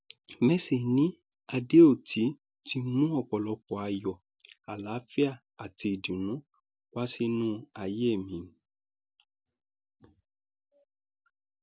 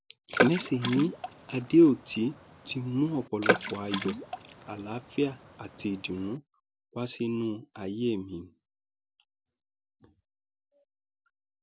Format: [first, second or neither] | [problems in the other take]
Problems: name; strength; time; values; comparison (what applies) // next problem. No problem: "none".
first | background sound (Water / Splash, splatter); 3 dB below the speech